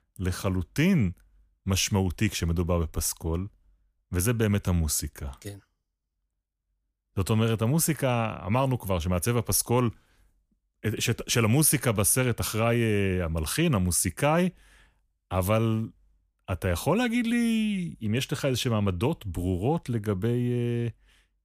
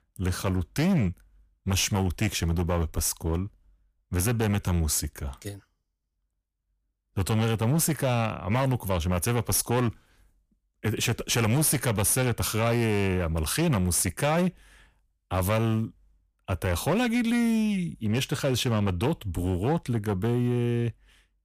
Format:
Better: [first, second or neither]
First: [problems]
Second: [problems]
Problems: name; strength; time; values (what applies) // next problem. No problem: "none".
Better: first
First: none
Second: distortion; slight; 11% of the sound clipped